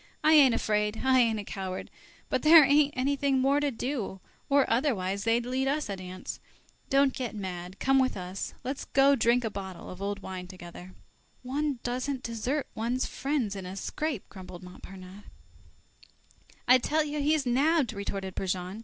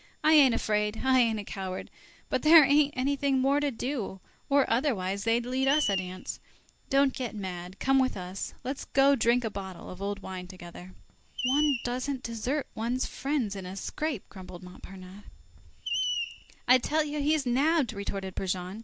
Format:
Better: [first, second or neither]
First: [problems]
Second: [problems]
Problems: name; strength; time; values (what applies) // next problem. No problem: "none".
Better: first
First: none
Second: background sound (Screech); 11 dB below the speech